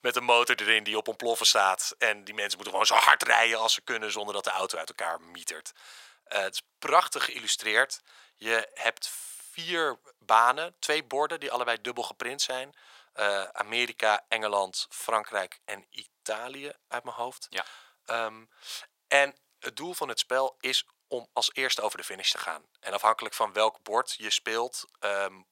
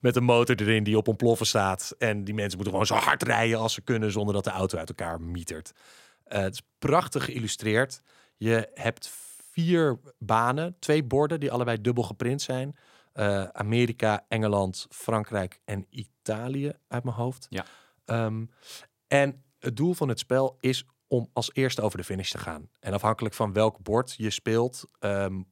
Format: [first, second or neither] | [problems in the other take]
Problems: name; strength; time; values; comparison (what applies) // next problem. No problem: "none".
second | thin; very; fading below 850 Hz